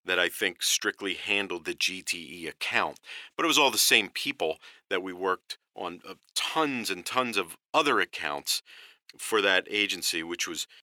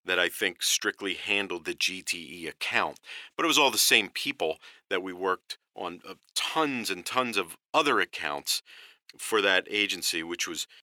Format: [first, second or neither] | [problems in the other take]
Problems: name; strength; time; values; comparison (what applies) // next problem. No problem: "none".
neither | thin; somewhat; fading below 500 Hz; the same in both